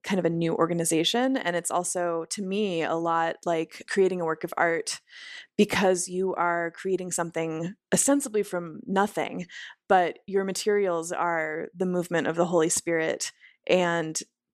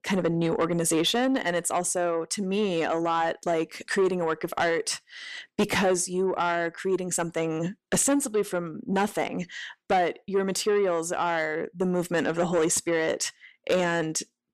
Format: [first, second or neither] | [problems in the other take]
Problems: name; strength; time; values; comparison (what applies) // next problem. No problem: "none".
first | distortion; slight; 10 dB below the speech